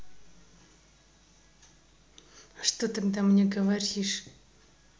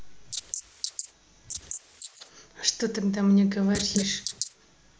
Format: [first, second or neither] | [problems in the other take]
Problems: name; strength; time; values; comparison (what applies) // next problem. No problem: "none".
first | noise reduction (neural mask model Resemble Enhance denoiser)